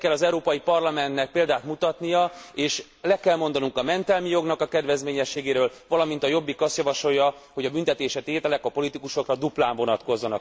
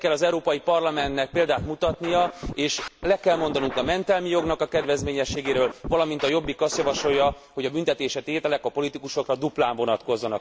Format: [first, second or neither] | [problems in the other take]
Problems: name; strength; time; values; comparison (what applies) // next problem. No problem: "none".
first | background sound (Scratching (performance technique)); 11 dB below the speech